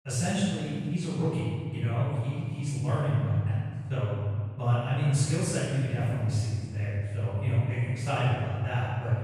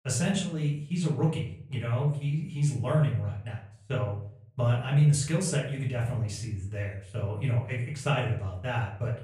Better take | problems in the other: second | room echo; strong; dies away in 2.1 s; slight in the second // off-mic speech; far; far in the second

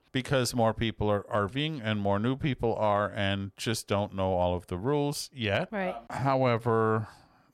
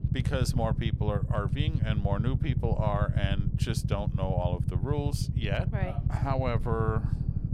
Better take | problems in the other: first | low rumble; loud; throughout; 7 dB below the speech

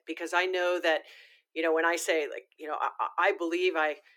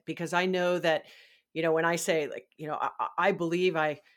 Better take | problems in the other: second | thin; very; fading below 300 Hz

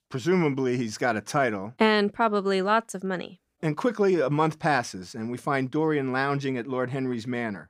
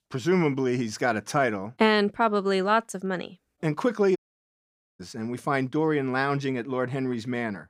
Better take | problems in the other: first | audio cutting out; at 4 s for 1 s

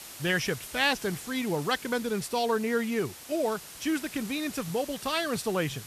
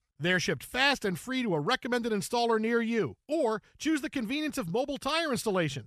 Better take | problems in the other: second | hiss; noticeable; throughout; 15 dB below the speech

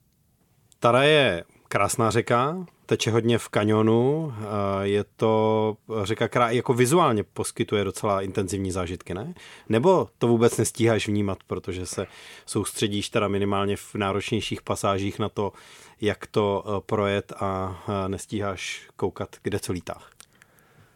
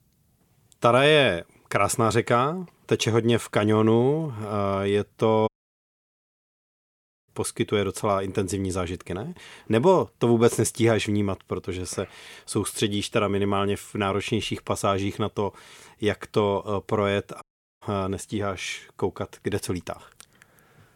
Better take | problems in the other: first | audio cutting out; at 5.5 s for 2 s and at 17 s

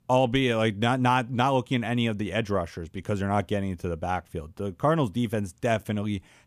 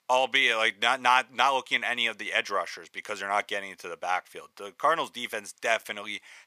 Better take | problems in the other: first | thin; very; fading below 800 Hz

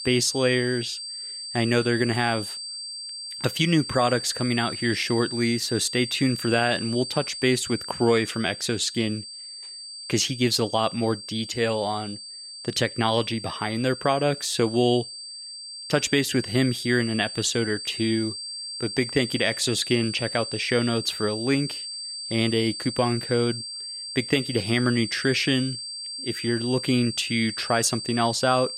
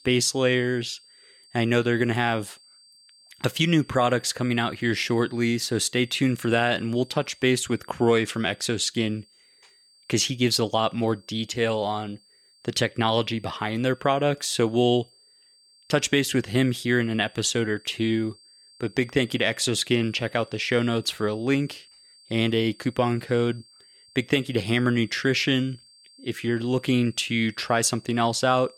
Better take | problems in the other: second | high-pitched whine; loud; throughout; 4.5 kHz, 8 dB below the speech; faint in the second

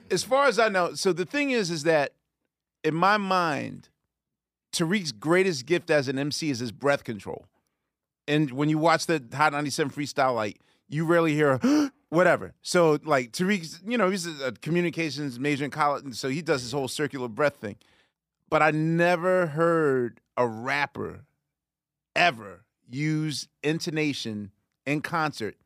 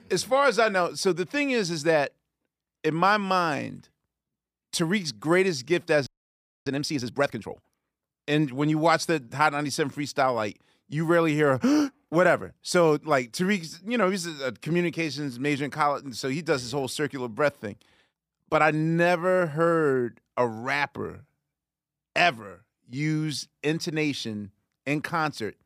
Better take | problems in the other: first | audio freezing; at 6 s for 0.5 s

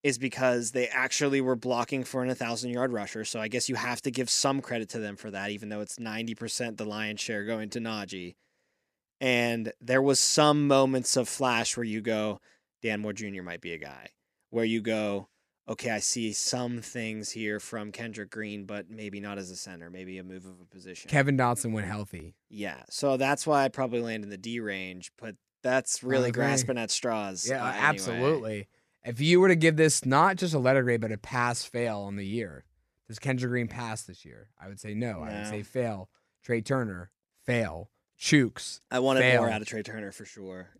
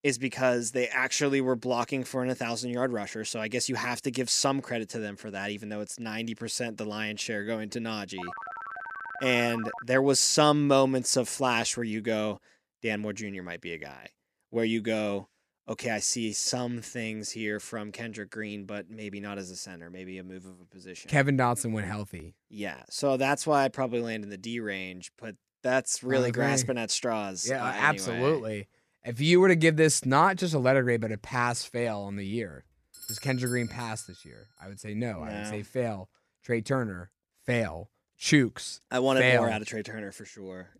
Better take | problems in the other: first | phone ringing; faint; from 8 to 10 s; peak 10 dB below the speech // doorbell; noticeable; at 33 s; peak 9 dB below the speech

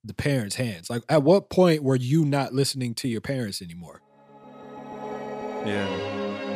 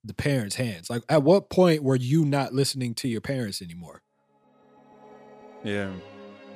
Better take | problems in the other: second | background music; loud; from 4.5 s on; 9 dB below the speech; faint in the second

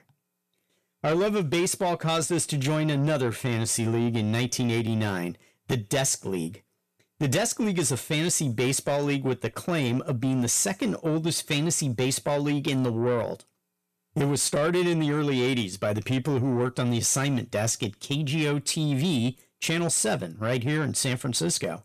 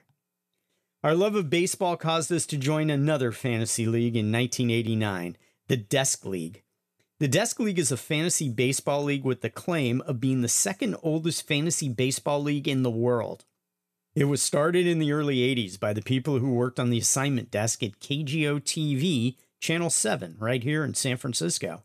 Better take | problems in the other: second | distortion; slight; 10 dB below the speech

